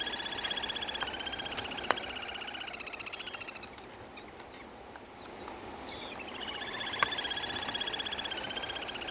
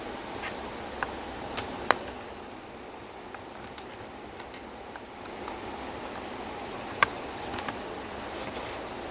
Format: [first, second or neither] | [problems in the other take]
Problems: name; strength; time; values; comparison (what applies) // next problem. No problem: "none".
second | background sound (Bird); 2 dB above the speech